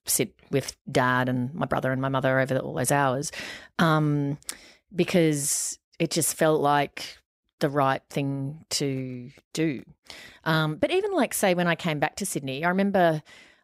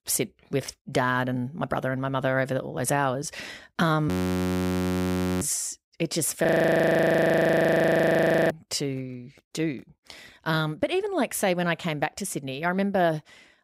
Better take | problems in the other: first | audio freezing; at 4 s for 1.5 s and at 6.5 s for 2 s

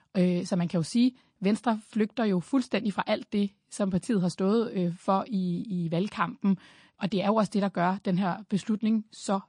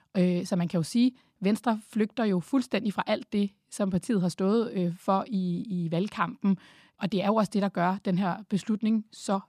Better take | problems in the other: second | garbled, watery; slightly

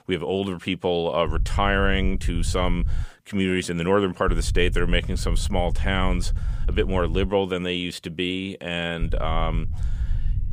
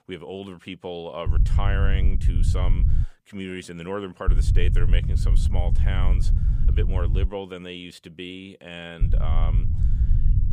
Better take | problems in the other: first | low rumble; loud; from 1.5 to 3 s, from 4.5 to 7.5 s and from 9 s on; 7 dB below the speech; faint in the first

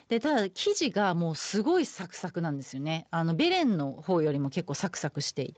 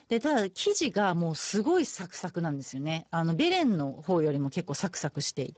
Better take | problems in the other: first | garbled, watery; badly; nothing above 7.5 kHz; slightly in the first

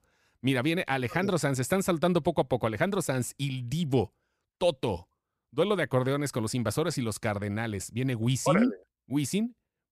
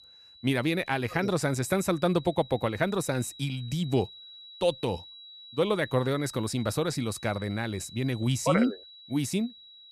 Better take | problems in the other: first | high-pitched whine; noticeable; throughout; 4 kHz, 15 dB below the speech

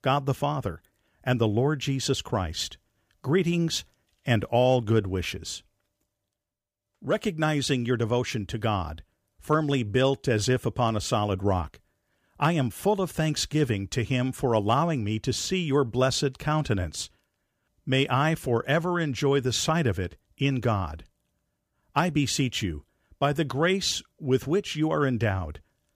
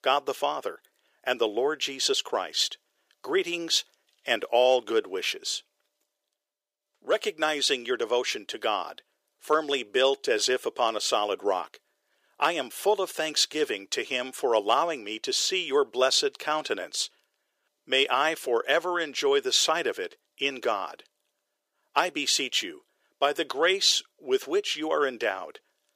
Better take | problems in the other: first | thin; very; fading below 400 Hz

